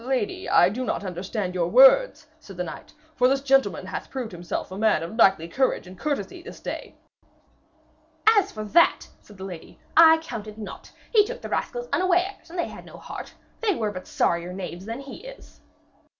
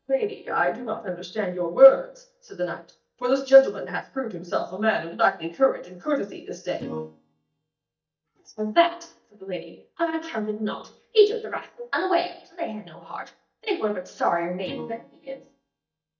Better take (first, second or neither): first